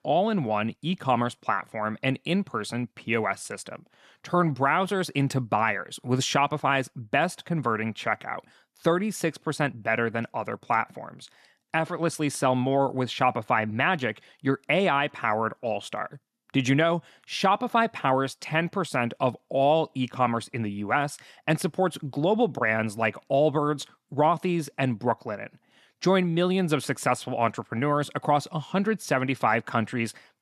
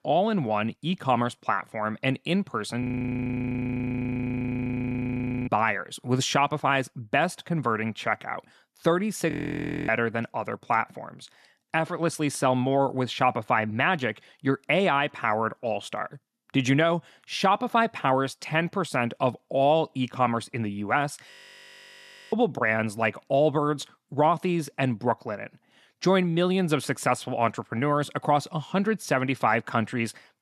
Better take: first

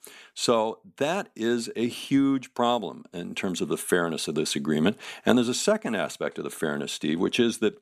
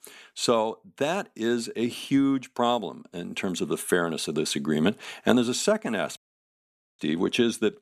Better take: first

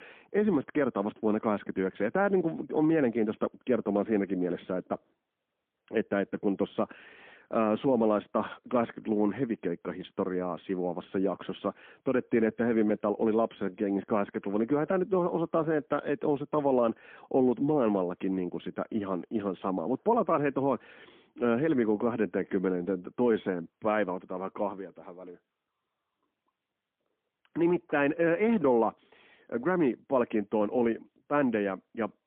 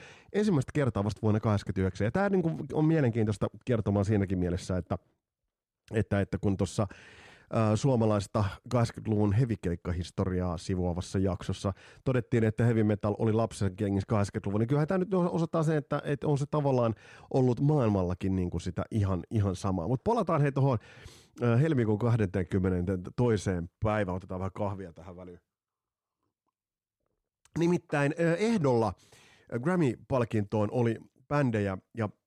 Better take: second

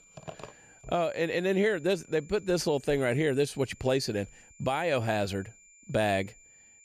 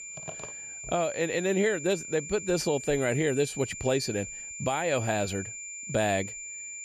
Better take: first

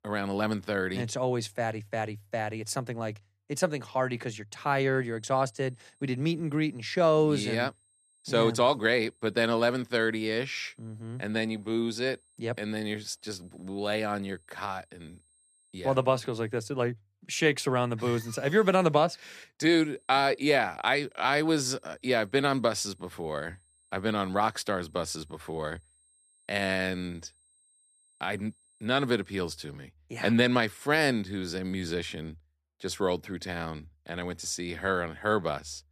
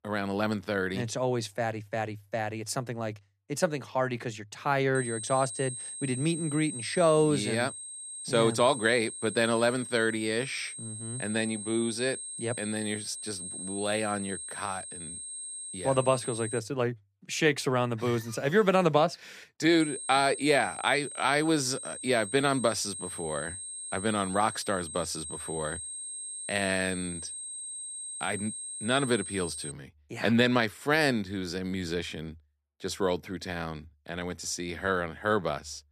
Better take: first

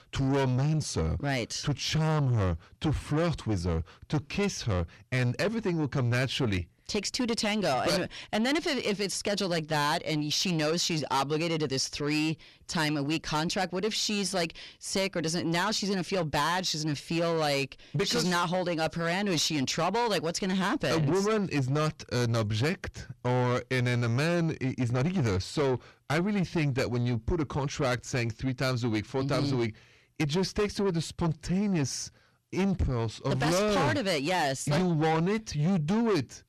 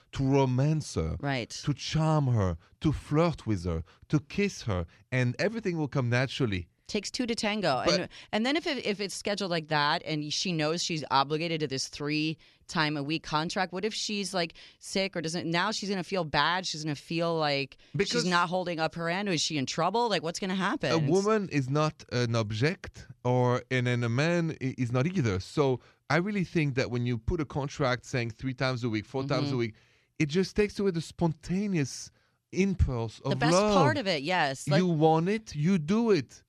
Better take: second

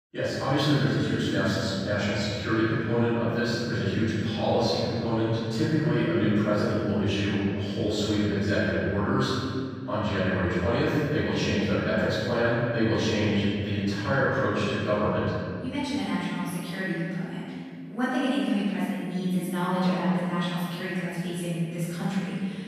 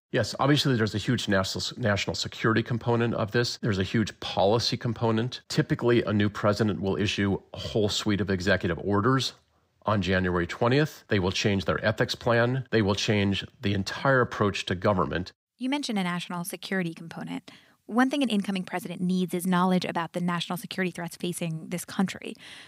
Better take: second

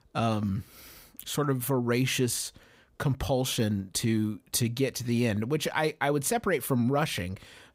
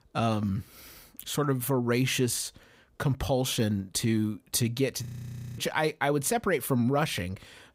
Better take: first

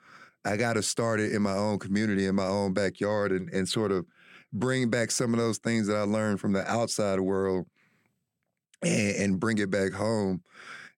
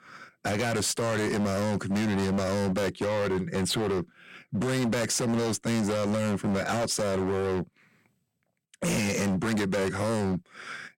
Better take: first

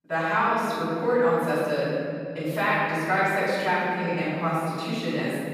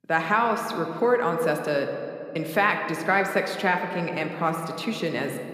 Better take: second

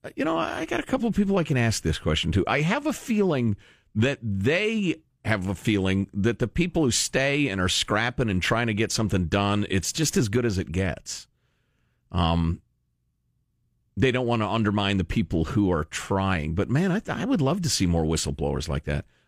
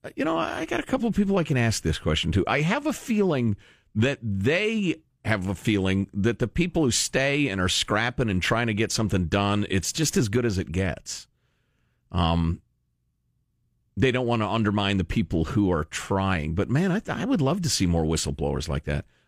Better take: neither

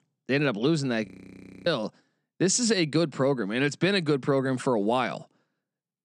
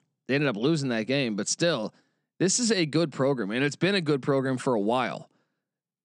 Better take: second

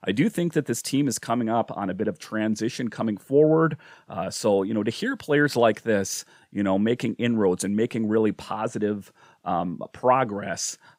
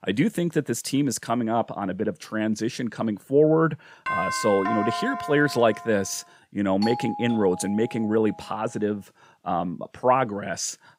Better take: first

